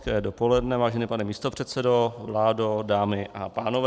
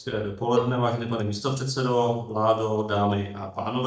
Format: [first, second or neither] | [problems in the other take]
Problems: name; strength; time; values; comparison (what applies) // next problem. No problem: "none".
first | noise reduction (neural mask model DeepFilterNet 3)